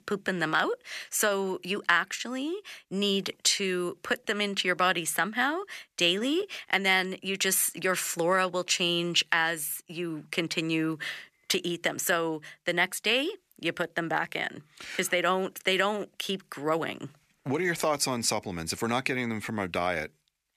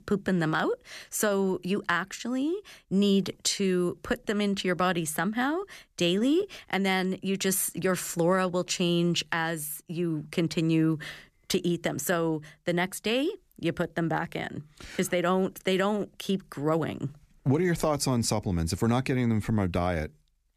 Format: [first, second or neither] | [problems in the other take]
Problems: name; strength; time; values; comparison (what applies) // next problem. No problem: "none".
second | thin; somewhat; fading below 1 kHz